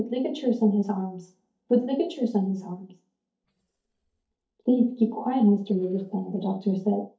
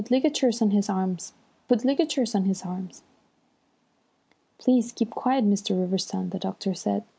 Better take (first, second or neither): second